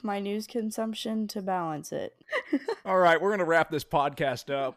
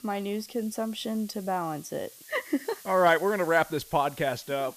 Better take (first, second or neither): first